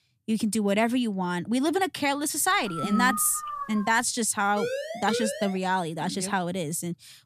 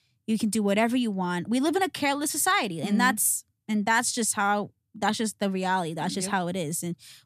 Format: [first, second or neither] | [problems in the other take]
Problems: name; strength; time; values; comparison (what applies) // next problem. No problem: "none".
second | dog barking; noticeable; from 2.5 to 4 s; peak 6 dB below the speech // siren; noticeable; from 4.5 to 5.5 s; peak 5 dB below the speech